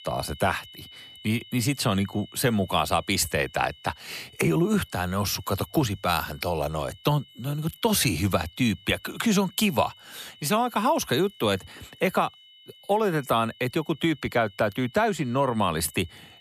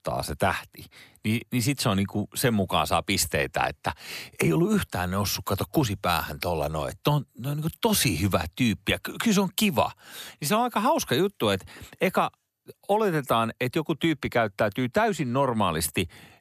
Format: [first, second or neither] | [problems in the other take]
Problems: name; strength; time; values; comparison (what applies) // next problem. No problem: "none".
second | high-pitched whine; faint; throughout; 3 kHz, 25 dB below the speech